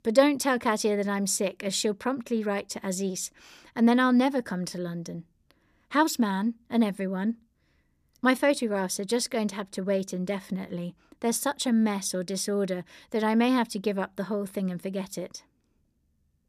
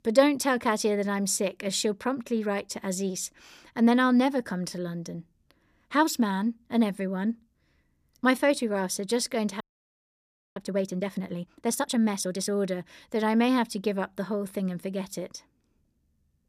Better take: first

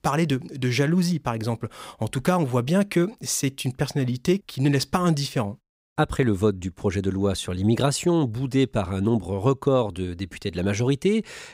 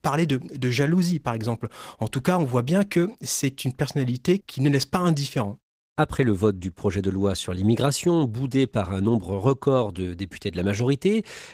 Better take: first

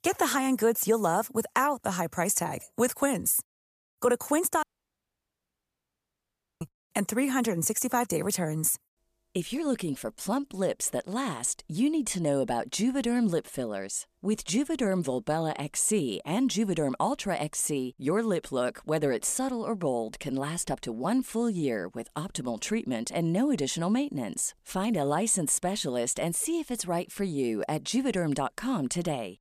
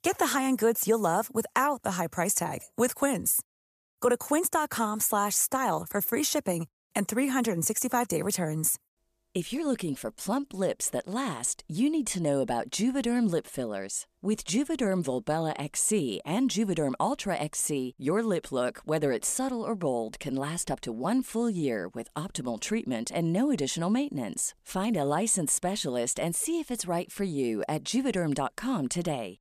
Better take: second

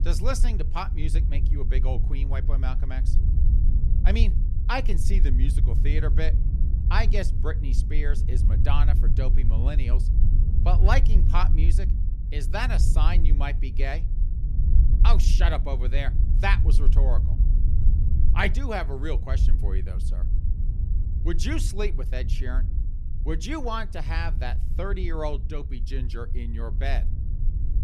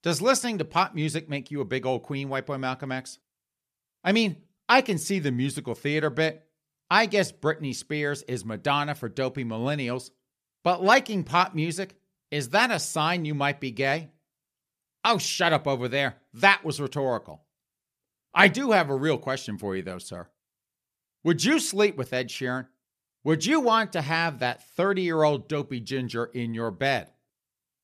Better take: second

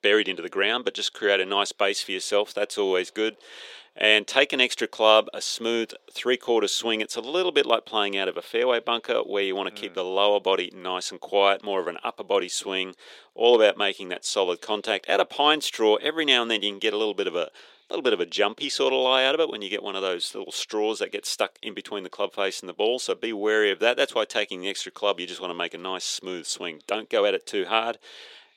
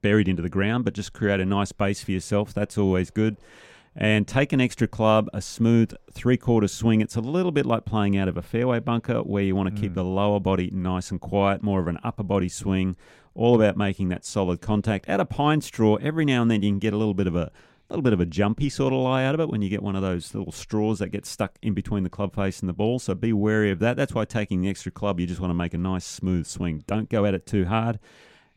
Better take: second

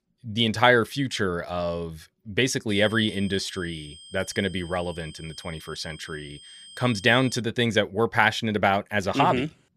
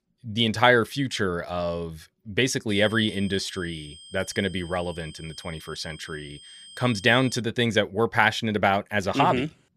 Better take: neither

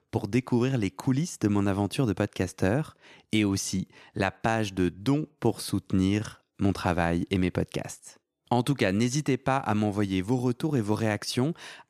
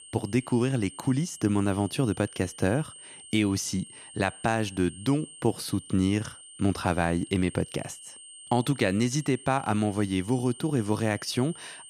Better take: first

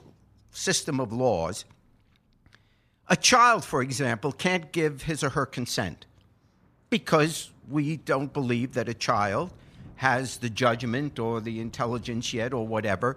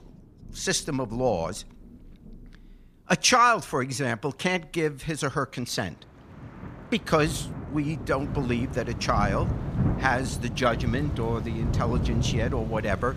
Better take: first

